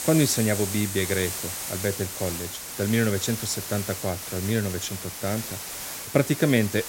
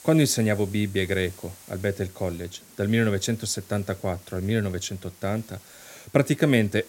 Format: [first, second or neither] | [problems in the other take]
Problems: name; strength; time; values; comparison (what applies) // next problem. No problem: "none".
second | hiss; loud; throughout; 5 dB below the speech; faint in the second